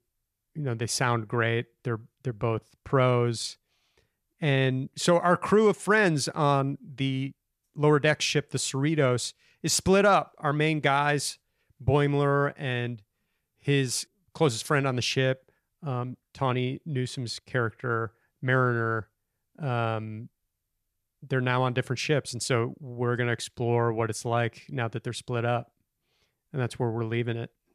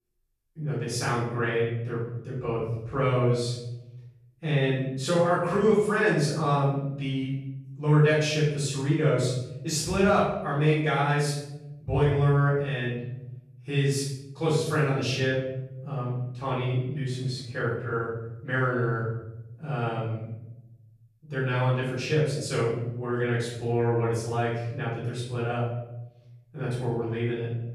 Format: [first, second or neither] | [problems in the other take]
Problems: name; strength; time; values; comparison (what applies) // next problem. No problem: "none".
first | off-mic speech; far // room echo; noticeable; dies away in 1 s